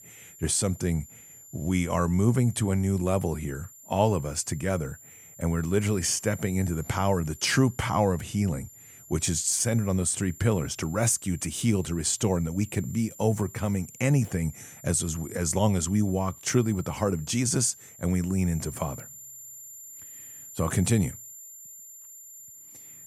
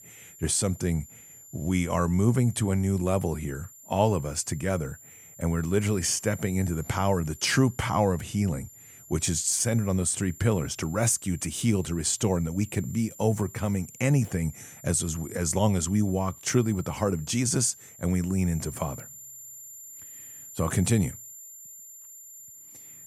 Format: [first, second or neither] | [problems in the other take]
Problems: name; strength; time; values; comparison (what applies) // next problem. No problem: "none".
neither | high-pitched whine; noticeable; throughout; 7 kHz, 20 dB below the speech; the same in both